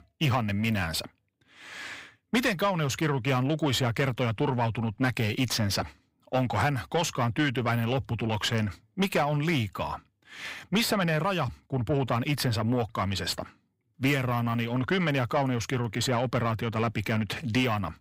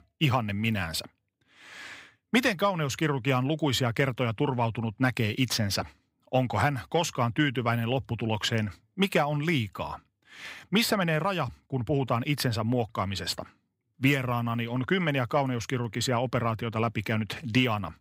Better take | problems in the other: second | distortion; slight; 10 dB below the speech

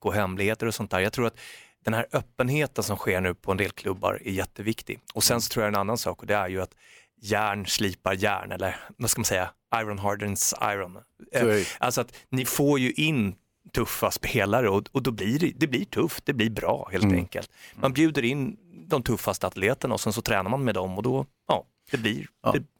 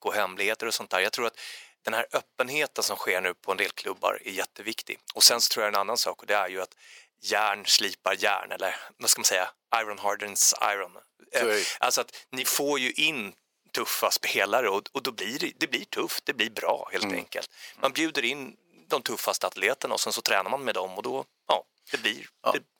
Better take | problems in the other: first | thin; somewhat; fading below 500 Hz

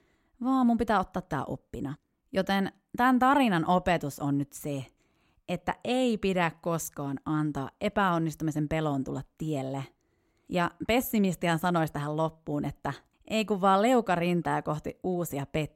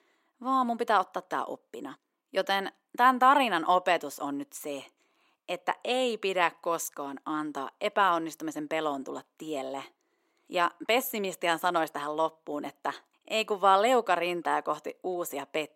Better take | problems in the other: first | thin; somewhat; fading below 350 Hz

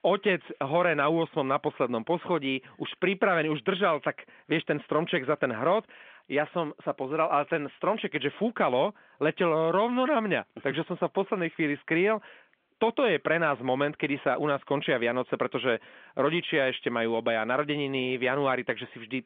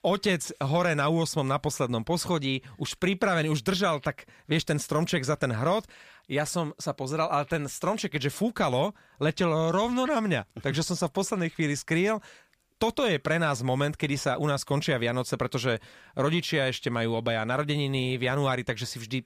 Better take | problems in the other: second | phone-call audio; nothing above 3.5 kHz

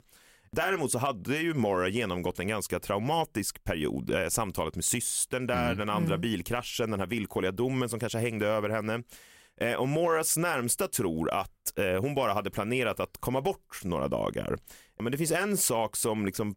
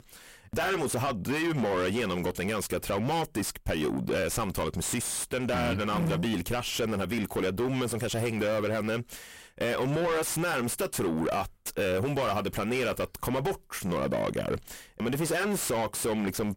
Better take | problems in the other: first | distortion; heavy; 6 dB below the speech

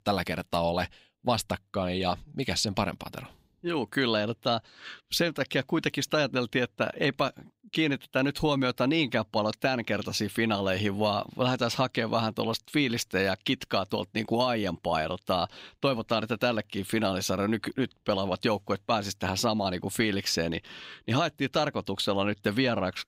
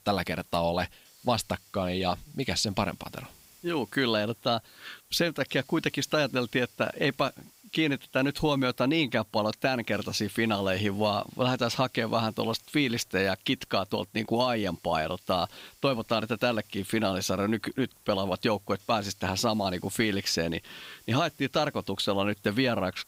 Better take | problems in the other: first | hiss; faint; throughout; 25 dB below the speech

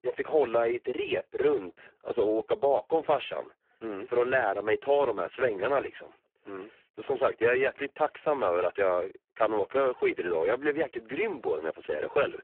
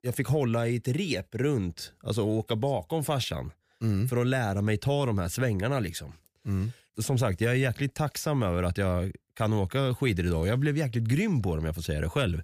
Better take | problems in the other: second | phone-call audio; poor line

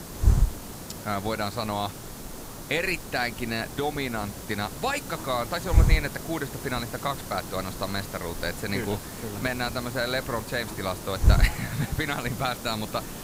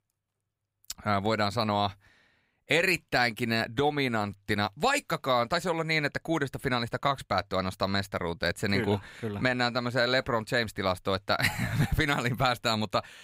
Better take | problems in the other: second | hiss; loud; throughout; 2 dB below the speech

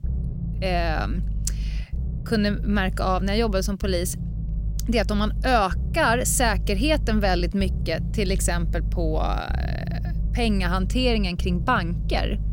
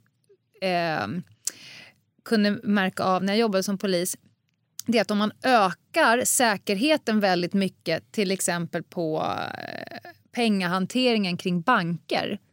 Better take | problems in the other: second | low rumble; noticeable; throughout; 20 dB below the speech

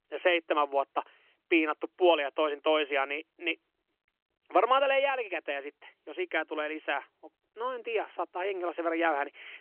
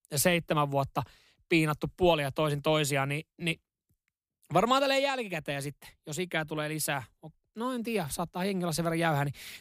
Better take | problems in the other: second | phone-call audio; nothing above 3 kHz

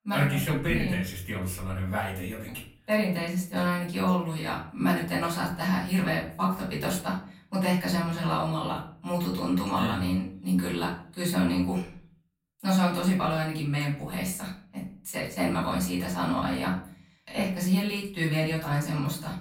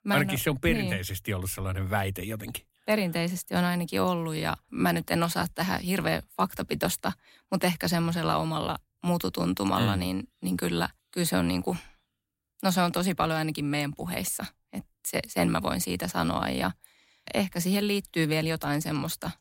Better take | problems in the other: second | off-mic speech; far // room echo; slight; dies away in 0.4 s

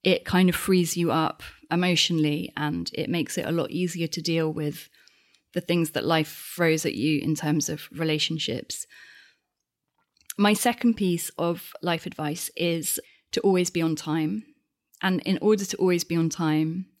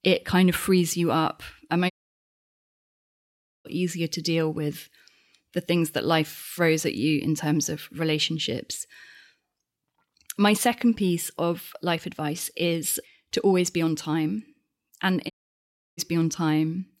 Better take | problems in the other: first | audio cutting out; at 2 s for 2 s and at 15 s for 0.5 s

